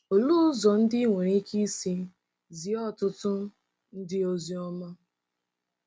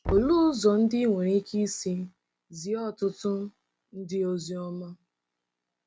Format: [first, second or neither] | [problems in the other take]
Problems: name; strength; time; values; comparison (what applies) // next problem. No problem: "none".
first | background sound (Knock); 12 dB below the speech